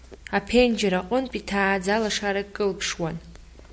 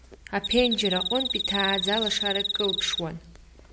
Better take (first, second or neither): first